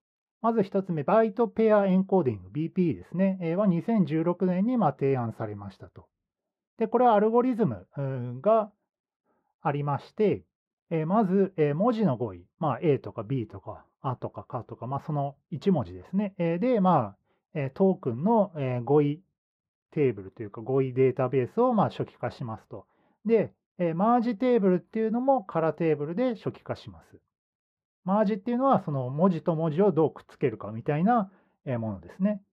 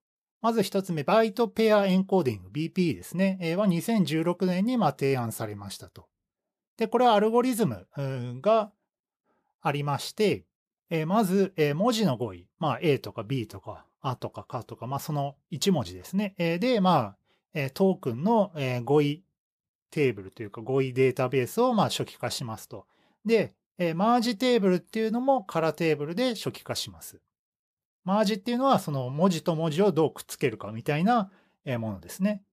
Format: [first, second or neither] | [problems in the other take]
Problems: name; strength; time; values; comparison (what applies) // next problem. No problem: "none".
second | muffled; very; fading above 4 kHz